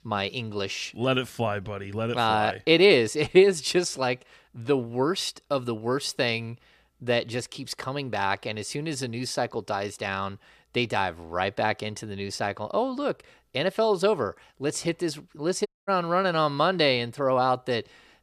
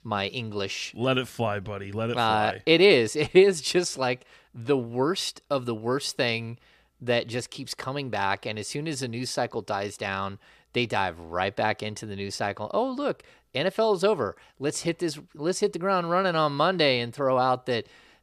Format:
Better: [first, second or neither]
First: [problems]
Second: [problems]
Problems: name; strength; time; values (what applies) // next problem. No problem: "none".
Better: second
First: audio cutting out; at 16 s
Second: none